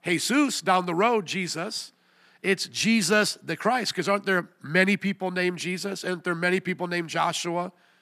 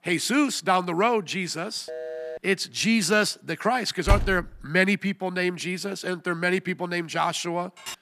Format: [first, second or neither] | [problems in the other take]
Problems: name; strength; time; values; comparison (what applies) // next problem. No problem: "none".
first | phone ringing; noticeable; at 2 s; peak 9 dB below the speech // door banging; noticeable; at 4 s; peak 1 dB below the speech // clattering dishes; faint; at 7.5 s; peak 15 dB below the speech